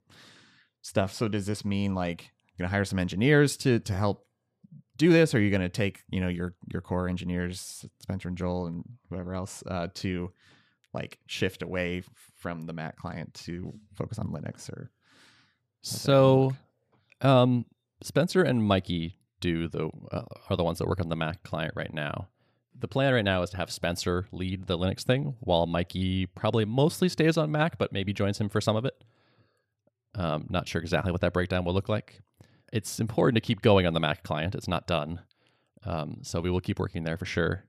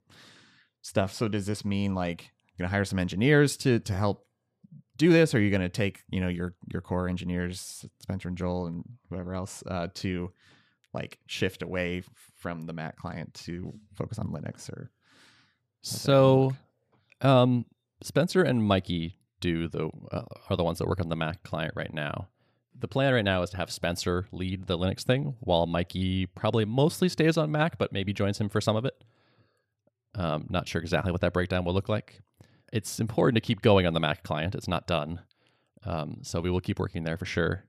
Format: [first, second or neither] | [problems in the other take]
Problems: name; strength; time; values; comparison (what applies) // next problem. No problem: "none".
neither | none